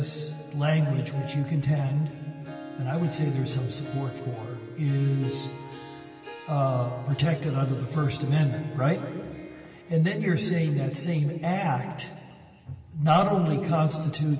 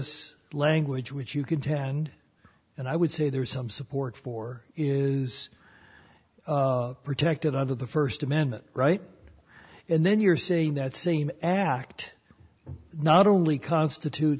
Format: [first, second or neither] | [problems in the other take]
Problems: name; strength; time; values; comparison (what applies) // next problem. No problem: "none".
second | background sound (Harp); 16 dB below the speech // room echo; dies away in 2.4 s